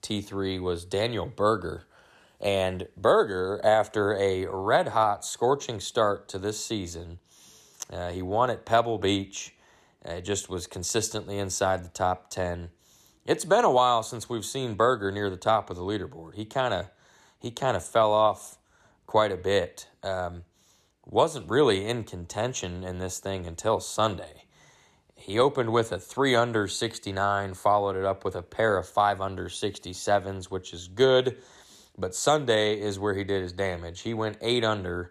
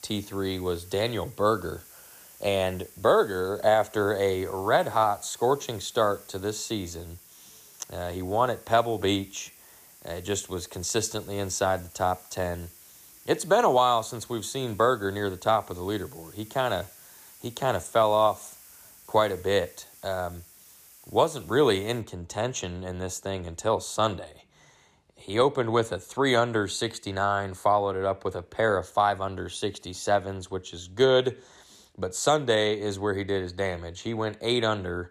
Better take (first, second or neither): first